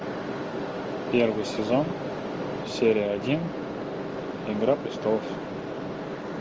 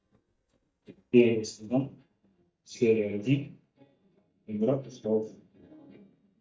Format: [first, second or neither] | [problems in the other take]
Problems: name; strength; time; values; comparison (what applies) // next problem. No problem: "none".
first | noise reduction (neural mask model DeepFilterNet 3)